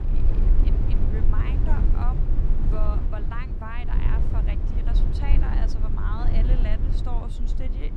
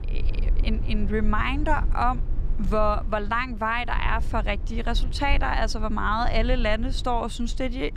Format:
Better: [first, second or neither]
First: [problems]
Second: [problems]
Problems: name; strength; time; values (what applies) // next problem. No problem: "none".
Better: second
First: low rumble; loud; throughout; 2 dB below the speech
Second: low rumble; faint; throughout; 20 dB below the speech